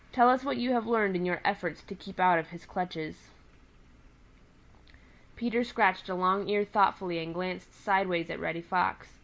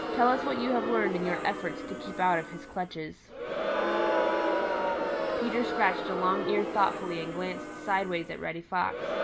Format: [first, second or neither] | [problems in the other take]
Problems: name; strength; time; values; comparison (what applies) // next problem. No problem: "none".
first | background sound (Crowd); 1 dB below the speech